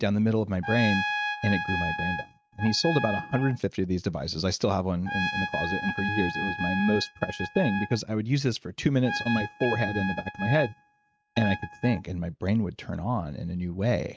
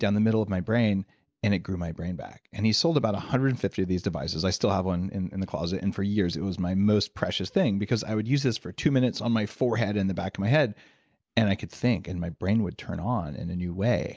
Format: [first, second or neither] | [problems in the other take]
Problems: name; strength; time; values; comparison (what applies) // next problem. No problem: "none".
second | noise reduction (neural mask model RNNoise)